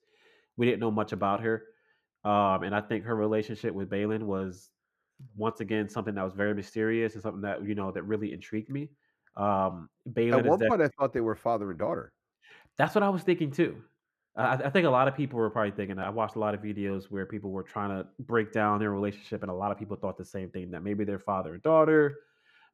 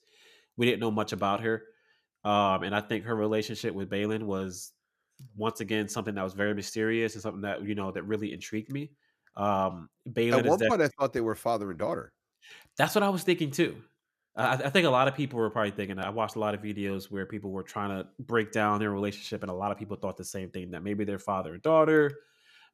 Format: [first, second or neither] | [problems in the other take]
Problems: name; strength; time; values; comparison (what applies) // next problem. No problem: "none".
second | muffled; slightly; fading above 3 kHz